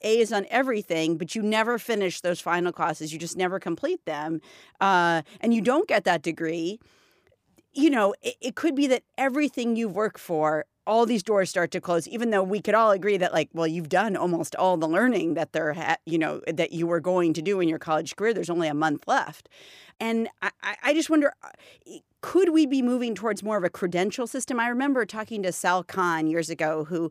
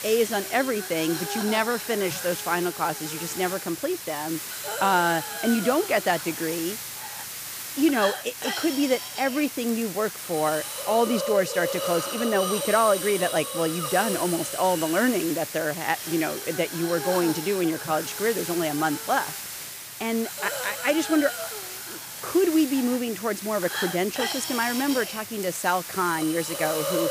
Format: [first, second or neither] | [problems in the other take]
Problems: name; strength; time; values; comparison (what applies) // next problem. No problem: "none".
first | hiss; loud; throughout; 5 dB below the speech